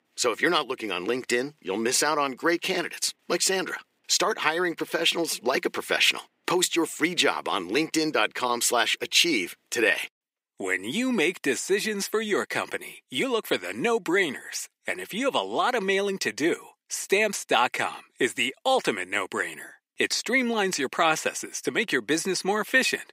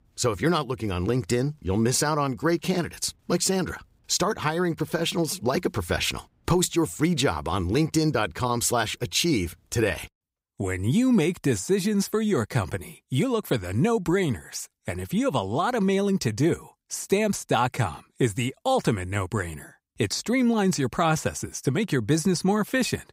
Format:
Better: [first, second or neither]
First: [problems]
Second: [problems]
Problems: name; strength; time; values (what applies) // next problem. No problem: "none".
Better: second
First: thin; somewhat; fading below 300 Hz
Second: none